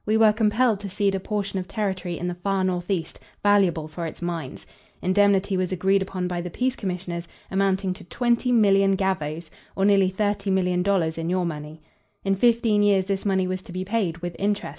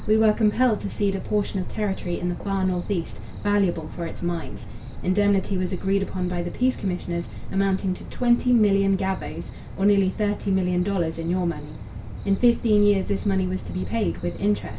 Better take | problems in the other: first | background sound (Cricket); 7 dB below the speech // room echo; dies away in 0.2 s

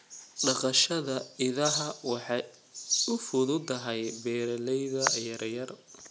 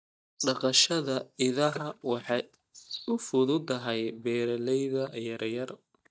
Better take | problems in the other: first | noise reduction (neural mask model DeepFilterNet 3)

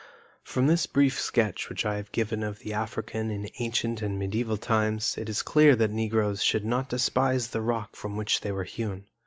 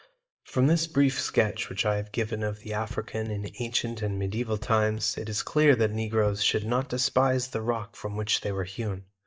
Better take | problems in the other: first | noise reduction (neural mask model DeepFilterNet 3)

